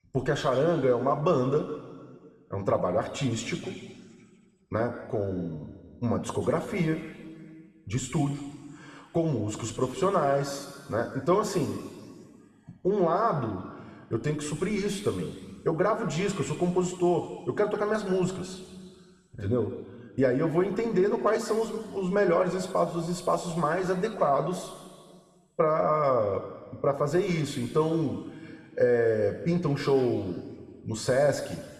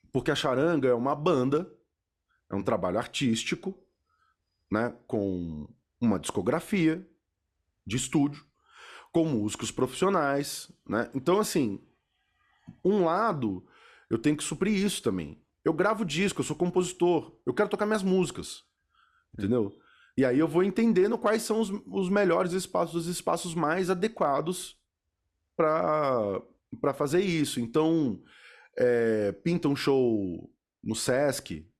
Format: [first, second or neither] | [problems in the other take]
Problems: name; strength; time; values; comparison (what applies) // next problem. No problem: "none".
second | room echo; noticeable; dies away in 1.7 s // off-mic speech; somewhat distant